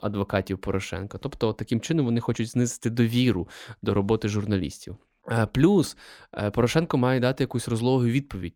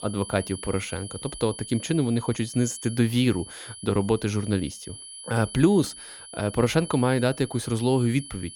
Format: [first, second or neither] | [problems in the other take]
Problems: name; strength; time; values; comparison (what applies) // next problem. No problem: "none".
first | high-pitched whine; noticeable; throughout; 10 kHz, 15 dB below the speech